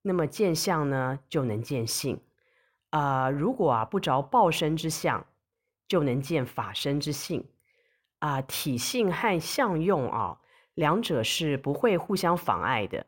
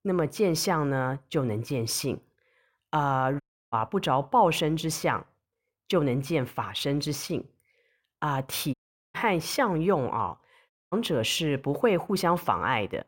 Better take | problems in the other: first | audio cutting out; at 3.5 s, at 8.5 s and at 11 s

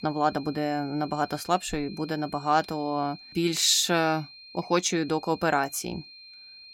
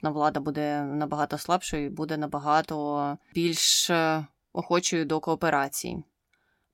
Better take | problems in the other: second | high-pitched whine; noticeable; throughout; 4 kHz, 20 dB below the speech

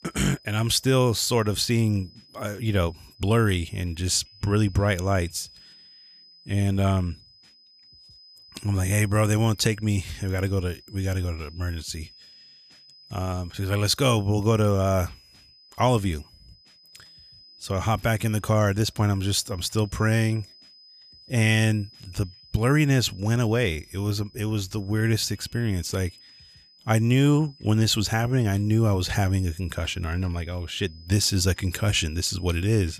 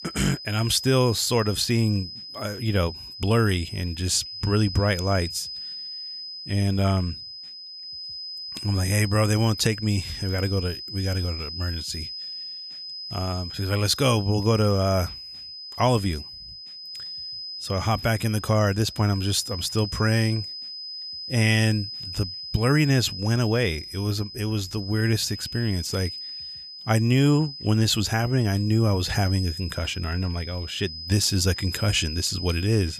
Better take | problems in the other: first | high-pitched whine; loud; throughout; 5 kHz, 10 dB below the speech; faint in the first

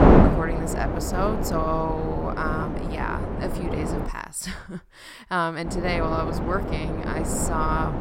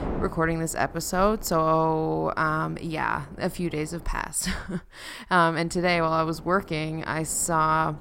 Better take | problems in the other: second | wind noise on the microphone; heavy; until 4 s and from 5.5 s on; 1 dB below the speech; occasional gusts in the second

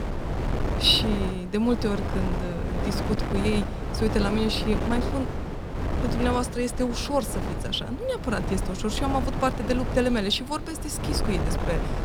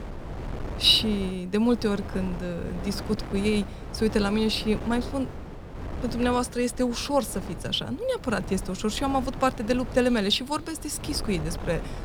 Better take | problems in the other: second | wind noise on the microphone; heavy; 6 dB below the speech; occasional gusts in the second

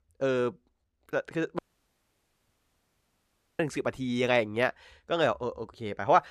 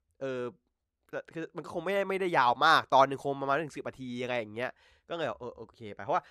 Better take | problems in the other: second | audio cutting out; at 1.5 s for 2 s

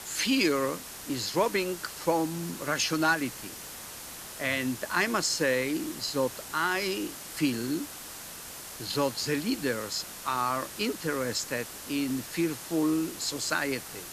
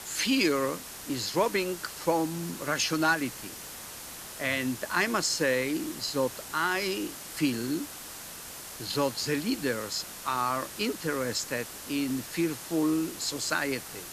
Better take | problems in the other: neither | hiss; noticeable; throughout; 10 dB below the speech; the same in both

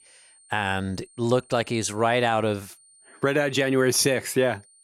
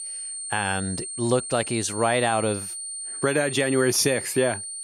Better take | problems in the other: first | high-pitched whine; loud; throughout; 8.5 kHz, 7 dB below the speech; faint in the first

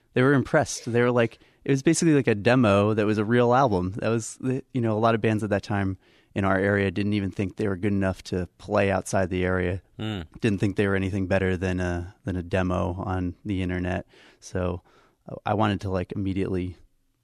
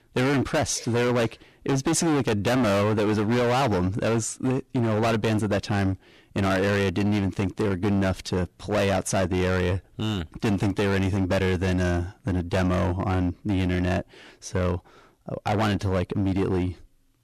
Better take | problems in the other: first | distortion; heavy; 23% of the sound clipped

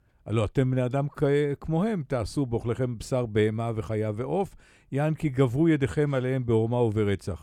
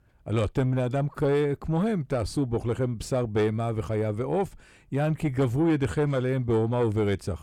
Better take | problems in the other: first | distortion; slight; 10 dB below the speech

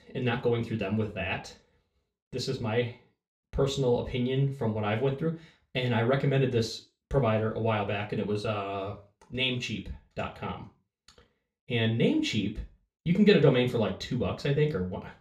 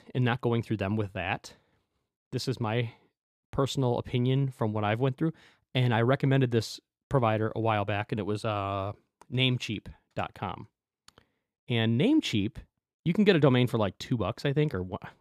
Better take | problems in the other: second | room echo; very slight; dies away in 0.3 s // off-mic speech; far

